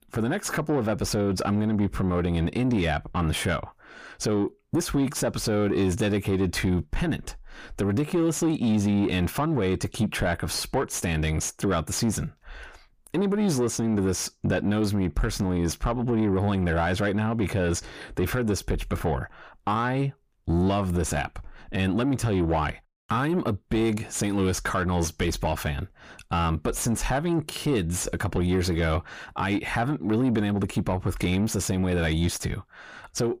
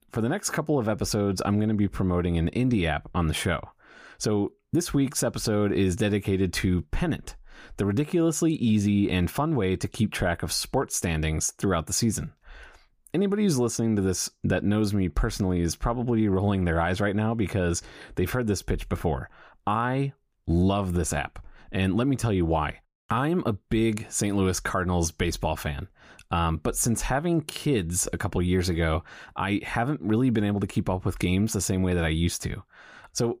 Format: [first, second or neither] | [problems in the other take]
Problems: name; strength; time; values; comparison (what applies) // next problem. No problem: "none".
second | distortion; slight; 10 dB below the speech